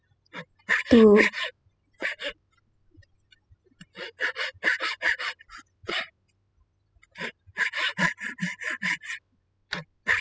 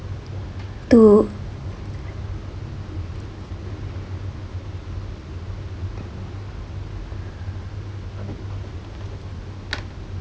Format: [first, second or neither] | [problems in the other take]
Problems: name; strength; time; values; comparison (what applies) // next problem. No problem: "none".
second | noise reduction (classical method spectral subtraction)